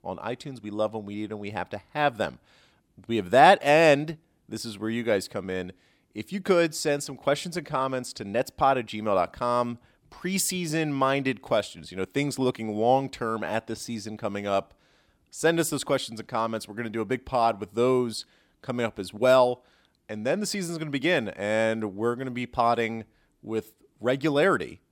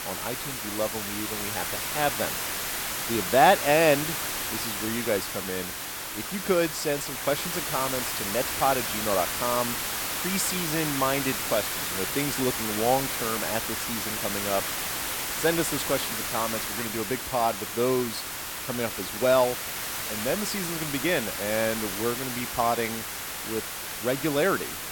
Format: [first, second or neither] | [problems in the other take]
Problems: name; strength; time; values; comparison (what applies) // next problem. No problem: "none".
first | hiss; loud; throughout; 1 dB below the speech